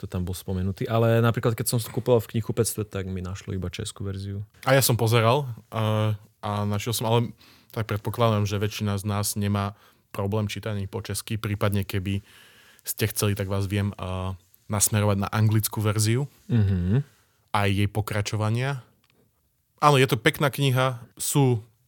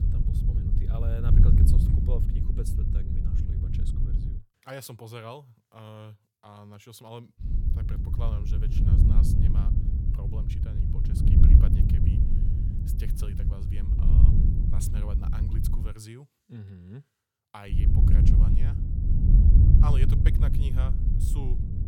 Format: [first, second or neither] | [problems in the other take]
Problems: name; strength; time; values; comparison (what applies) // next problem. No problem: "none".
first | wind noise on the microphone; heavy; until 4.5 s, from 7.5 to 16 s and from 18 s on; 4 dB above the speech